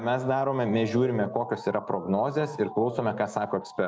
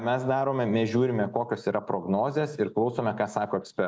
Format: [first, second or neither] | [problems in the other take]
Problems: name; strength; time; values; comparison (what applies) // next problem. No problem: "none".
second | background sound (Motor vehicle (road) / Siren); 15 dB below the speech